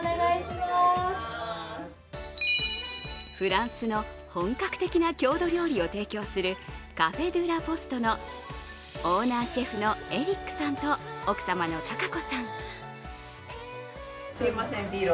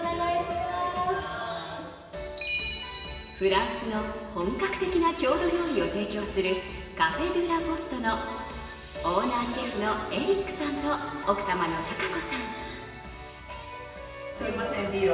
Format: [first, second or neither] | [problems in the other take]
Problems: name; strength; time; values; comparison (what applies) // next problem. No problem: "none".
first | room echo; dies away in 1.6 s